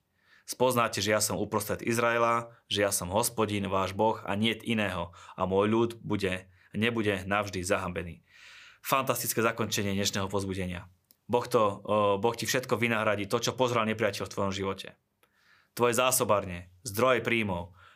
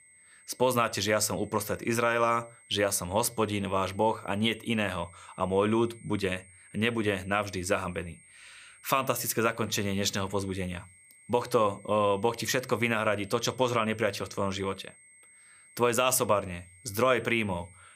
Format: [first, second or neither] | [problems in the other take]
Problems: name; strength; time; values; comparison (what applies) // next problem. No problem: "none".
first | high-pitched whine; faint; throughout; 8.5 kHz, 25 dB below the speech